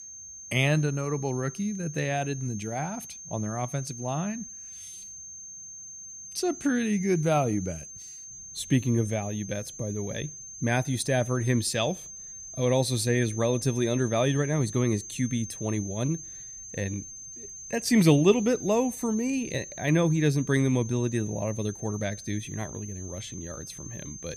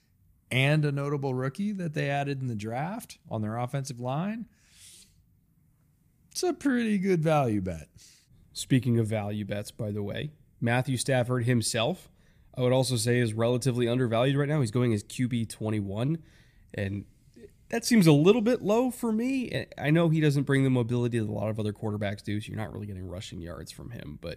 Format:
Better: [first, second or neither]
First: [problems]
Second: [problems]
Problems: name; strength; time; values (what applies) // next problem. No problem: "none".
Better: second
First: high-pitched whine; noticeable; throughout; 6.5 kHz, 10 dB below the speech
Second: none